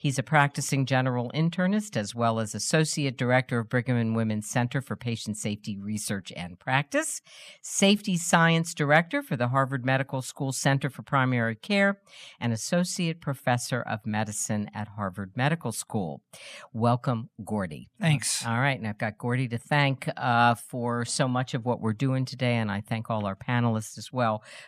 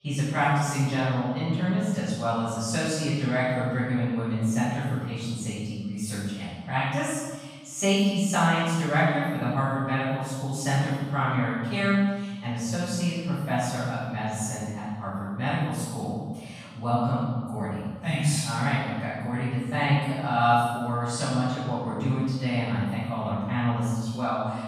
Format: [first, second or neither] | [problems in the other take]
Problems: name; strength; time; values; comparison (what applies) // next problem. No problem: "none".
first | off-mic speech; far // room echo; strong; dies away in 1.2 s